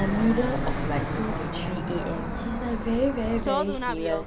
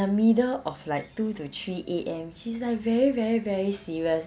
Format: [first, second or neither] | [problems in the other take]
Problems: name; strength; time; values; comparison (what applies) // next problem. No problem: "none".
second | background sound (Fixed-wing aircraft, airplane); as loud as the speech